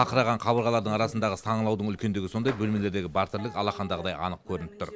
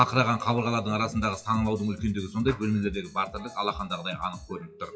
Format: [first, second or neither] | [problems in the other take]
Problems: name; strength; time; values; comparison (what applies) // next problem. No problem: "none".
first | noise reduction (classical method WPE with log-MMSE)